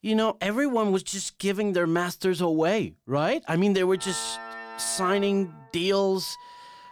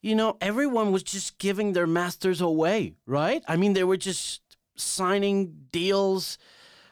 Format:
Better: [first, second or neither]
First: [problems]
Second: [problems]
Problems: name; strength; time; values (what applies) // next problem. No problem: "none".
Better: second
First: background music; noticeable; from 4 s on; 15 dB below the speech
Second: none